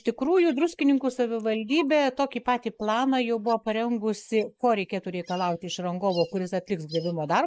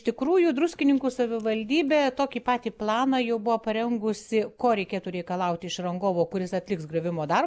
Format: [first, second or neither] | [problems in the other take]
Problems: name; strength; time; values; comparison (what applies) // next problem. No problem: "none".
second | noise reduction (neural mask model Resemble Enhance denoiser)